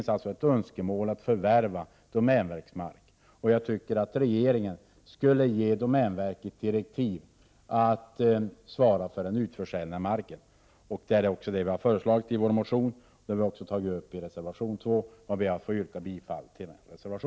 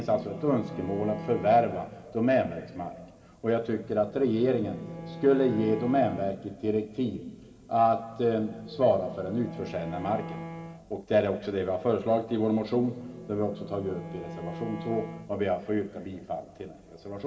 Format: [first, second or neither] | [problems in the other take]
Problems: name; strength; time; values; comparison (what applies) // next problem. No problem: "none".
first | background sound (Bowed string instrument); 15 dB below the speech // room echo; dies away in 2.1 s